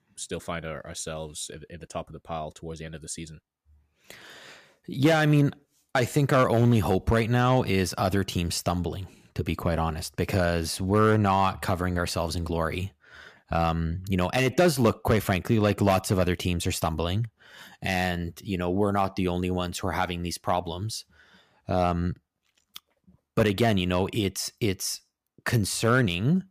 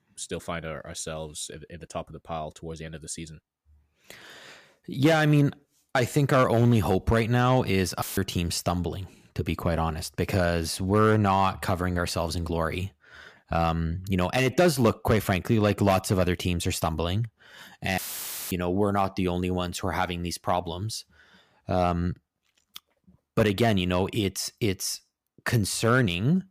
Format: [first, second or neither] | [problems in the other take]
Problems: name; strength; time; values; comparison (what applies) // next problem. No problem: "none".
first | audio cutting out; filled with static; at 8 s and at 18 s for 0.5 s